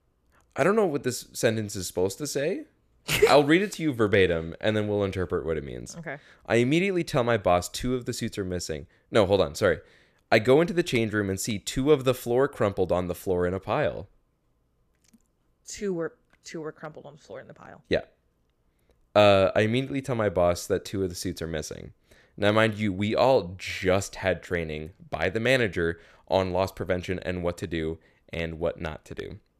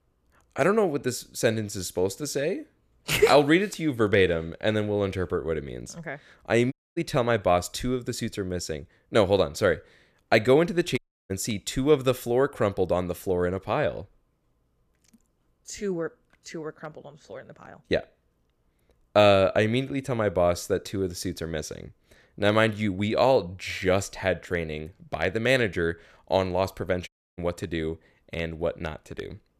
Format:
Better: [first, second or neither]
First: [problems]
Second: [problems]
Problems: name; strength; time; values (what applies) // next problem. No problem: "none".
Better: first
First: none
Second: audio cutting out; at 6.5 s, at 11 s and at 27 s